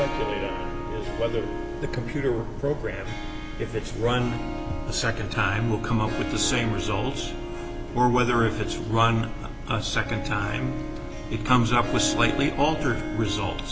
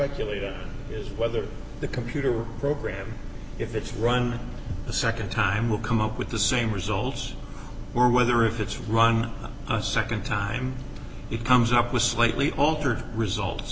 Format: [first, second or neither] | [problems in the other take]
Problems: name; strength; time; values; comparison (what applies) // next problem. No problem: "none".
second | background sound (Harp); 8 dB below the speech